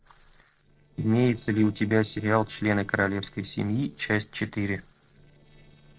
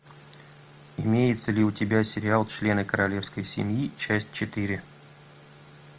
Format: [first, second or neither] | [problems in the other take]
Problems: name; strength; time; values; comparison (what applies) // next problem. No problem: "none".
second | noise reduction (neural separator model SepFormer DNS4)